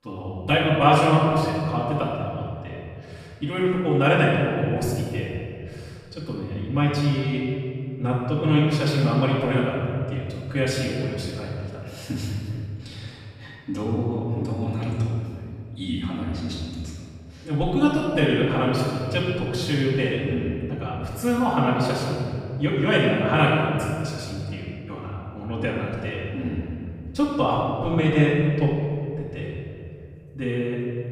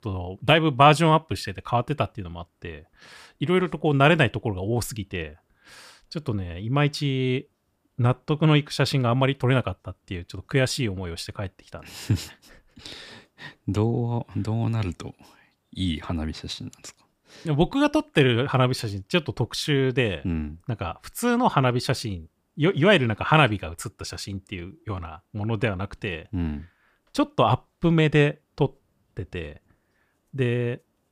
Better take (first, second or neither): second